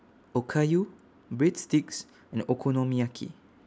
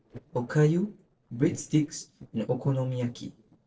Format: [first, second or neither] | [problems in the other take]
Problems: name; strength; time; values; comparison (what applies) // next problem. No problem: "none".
first | noise reduction (neural separator model SepFormer DNS4)